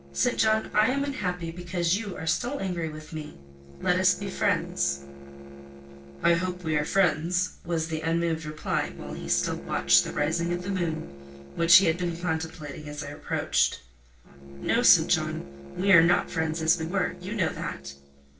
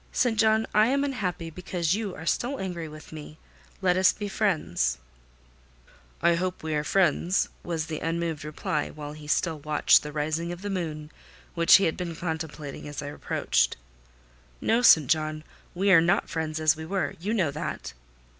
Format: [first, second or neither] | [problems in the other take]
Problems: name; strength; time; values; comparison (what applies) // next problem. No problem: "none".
second | noise reduction (neural separator model SepFormer DNS4)